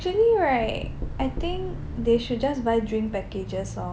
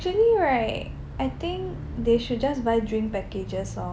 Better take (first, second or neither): second